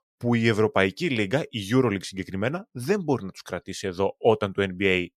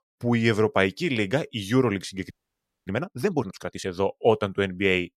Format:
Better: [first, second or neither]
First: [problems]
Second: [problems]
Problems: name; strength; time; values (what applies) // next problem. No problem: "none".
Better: first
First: none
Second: audio freezing; at 2.5 s for 0.5 s